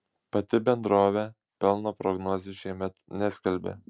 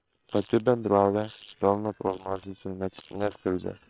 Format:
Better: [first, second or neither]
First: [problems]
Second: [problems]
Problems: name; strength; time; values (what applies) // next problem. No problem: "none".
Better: first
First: none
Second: noise reduction (neural separator model SepFormer WHAM!)